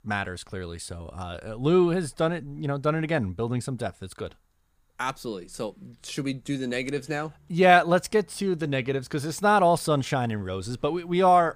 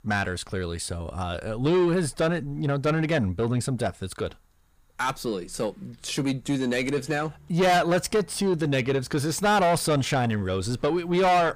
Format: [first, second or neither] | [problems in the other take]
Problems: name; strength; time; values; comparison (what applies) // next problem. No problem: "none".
first | distortion; heavy; 7 dB below the speech